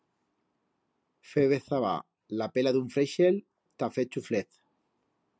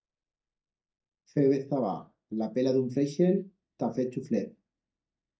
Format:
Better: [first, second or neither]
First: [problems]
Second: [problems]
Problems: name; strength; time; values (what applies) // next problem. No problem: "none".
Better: first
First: none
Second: noise reduction (neural mask model DeepFilterNet 3)